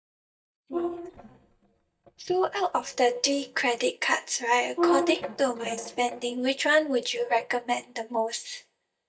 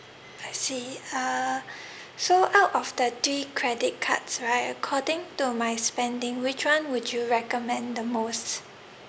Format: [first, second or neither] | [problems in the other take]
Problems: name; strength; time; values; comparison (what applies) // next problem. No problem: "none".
second | noise reduction (neural mask model DeepFilterNet 3)